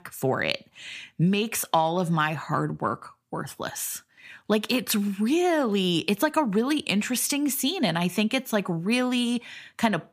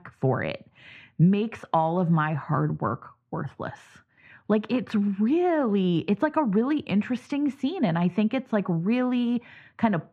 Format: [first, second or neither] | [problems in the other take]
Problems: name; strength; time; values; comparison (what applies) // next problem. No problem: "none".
first | muffled; very; fading above 1.5 kHz